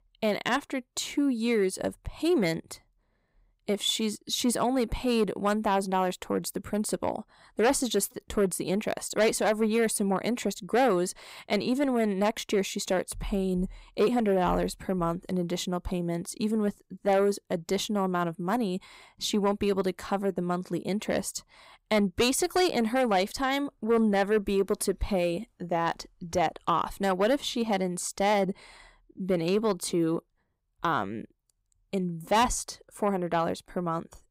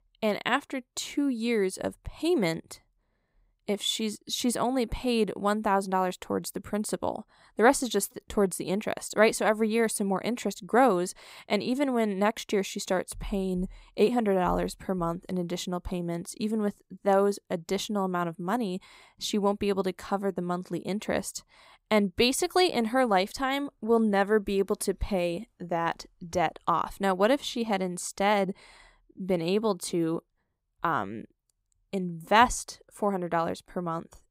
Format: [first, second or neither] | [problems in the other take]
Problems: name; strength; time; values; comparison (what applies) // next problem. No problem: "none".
second | distortion; slight; 10 dB below the speech